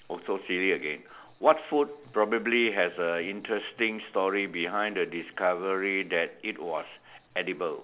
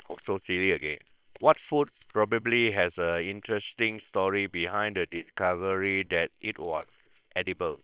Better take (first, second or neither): first